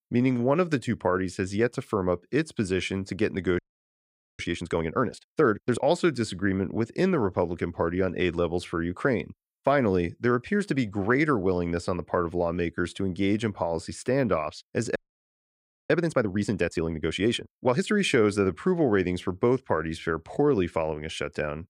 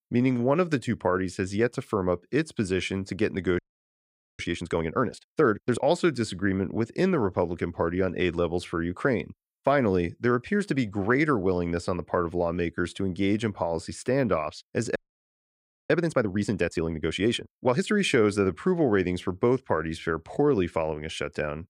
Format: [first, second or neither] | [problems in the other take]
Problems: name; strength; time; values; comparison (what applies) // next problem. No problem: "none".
neither | audio freezing; at 3.5 s for 1 s and at 15 s for 1 s; the same in both